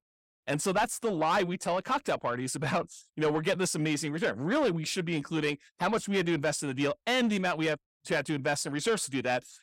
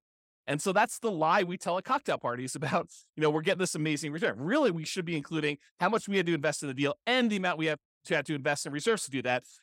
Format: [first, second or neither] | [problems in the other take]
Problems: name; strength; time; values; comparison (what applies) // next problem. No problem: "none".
second | distortion; slight; 10 dB below the speech